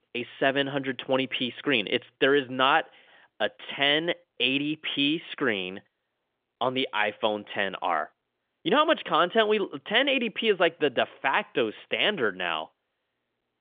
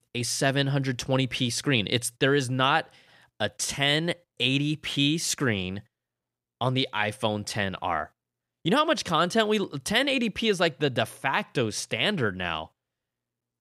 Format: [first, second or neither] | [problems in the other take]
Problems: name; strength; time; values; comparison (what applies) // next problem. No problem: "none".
second | phone-call audio; nothing above 3.5 kHz